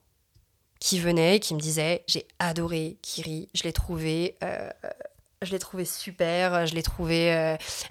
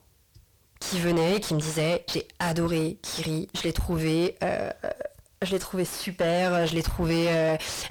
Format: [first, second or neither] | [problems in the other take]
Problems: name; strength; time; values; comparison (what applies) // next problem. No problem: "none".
first | distortion; heavy; 5 dB below the speech